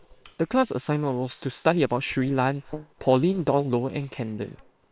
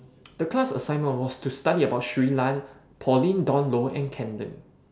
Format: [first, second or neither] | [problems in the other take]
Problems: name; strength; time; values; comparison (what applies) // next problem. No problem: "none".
second | noise reduction (neural separator model SepFormer WHAM!)